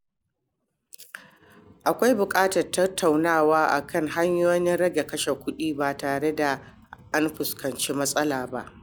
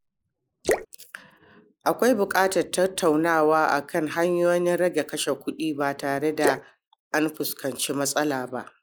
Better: first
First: none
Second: noise reduction (neural mask model Resemble Enhance denoiser)

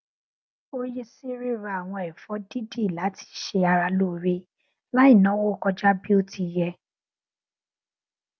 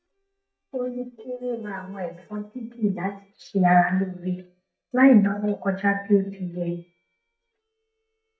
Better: first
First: none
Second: noise reduction (neural mask model DeepFilterNet 3)

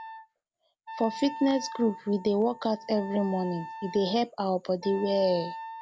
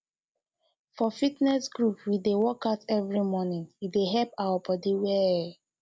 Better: second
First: background sound (Wind instrument, woodwind instrument); 13 dB below the speech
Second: none

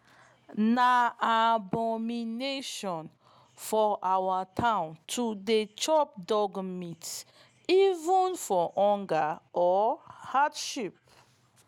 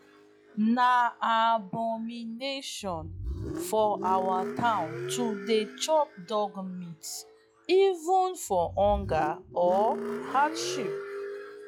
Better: first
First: none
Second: noise reduction (classical method log-MMSE)

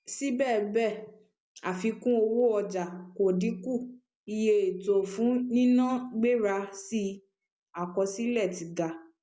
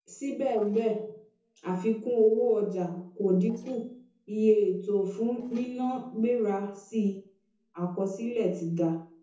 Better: first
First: none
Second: noise reduction (neural separator model SepFormer DNS4)

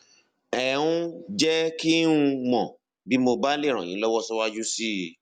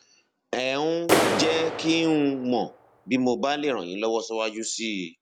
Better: first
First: none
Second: background sound (Clapping); 4 dB below the speech

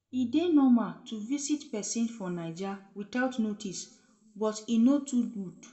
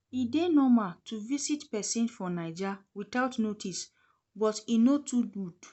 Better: second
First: room echo; dies away in 0.6 s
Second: none

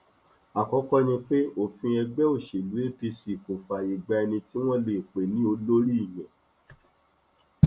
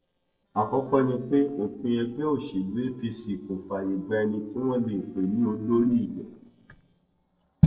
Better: first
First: none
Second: noise reduction (neural separator model SepFormer DNS4)

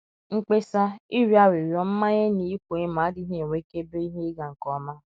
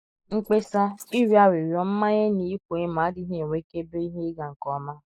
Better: first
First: none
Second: noise reduction (neural mask model Resemble Enhance denoiser)

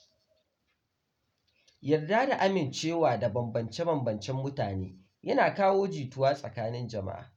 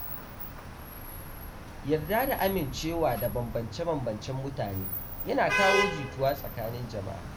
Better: first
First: none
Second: background sound (Traffic noise, roadway noise / Vehicle horn, car horn, honking); 4 dB below the speech

